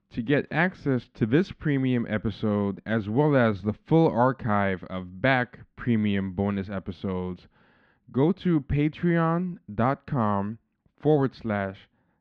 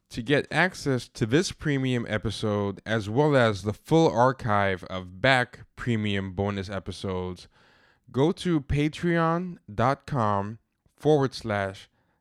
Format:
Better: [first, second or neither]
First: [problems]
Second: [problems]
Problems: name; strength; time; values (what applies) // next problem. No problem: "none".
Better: second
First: muffled; slightly; fading above 3 kHz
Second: none